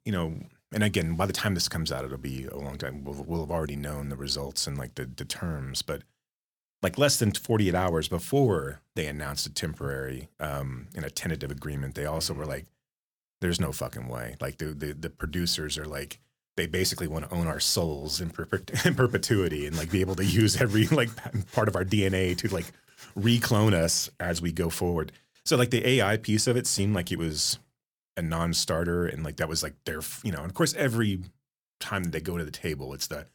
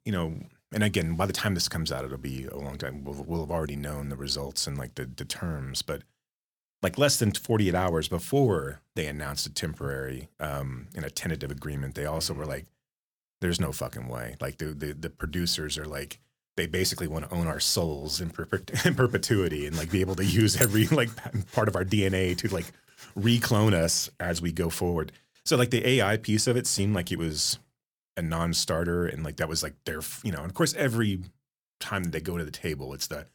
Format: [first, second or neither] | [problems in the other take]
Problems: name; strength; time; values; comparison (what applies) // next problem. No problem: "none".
first | jangling keys; loud; at 21 s; peak level with the speech